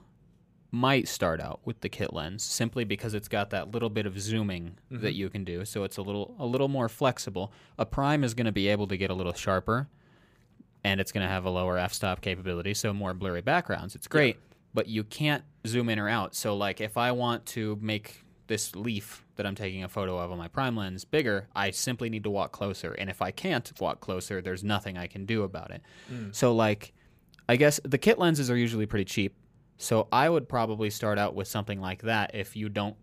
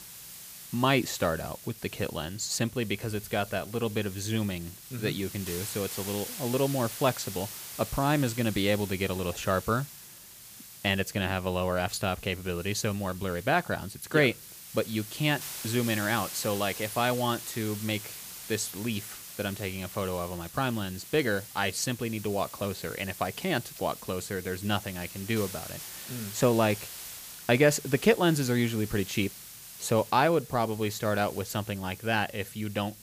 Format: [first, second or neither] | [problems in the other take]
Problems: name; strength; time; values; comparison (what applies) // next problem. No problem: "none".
first | hiss; noticeable; throughout; 10 dB below the speech